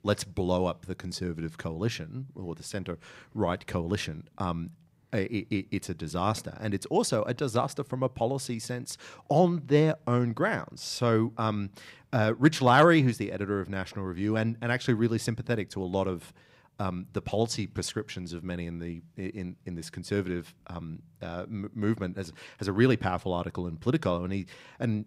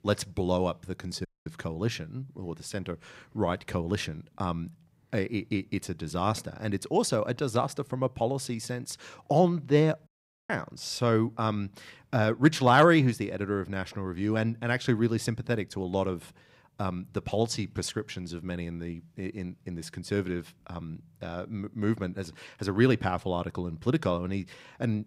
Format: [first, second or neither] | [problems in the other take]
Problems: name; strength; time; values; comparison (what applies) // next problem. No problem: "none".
first | audio cutting out; at 1.5 s and at 10 s